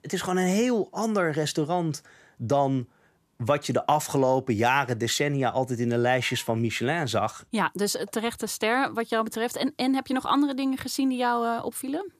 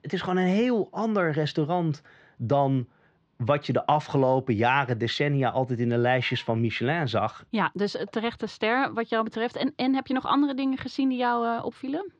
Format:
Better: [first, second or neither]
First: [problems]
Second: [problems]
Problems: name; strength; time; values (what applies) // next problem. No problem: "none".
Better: first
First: none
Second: muffled; slightly; fading above 4 kHz